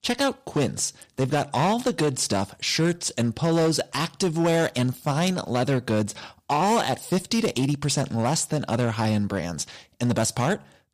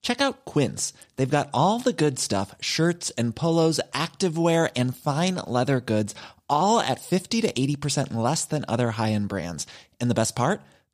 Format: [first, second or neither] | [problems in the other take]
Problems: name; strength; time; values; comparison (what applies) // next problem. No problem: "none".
second | distortion; slight; 8% of the sound clipped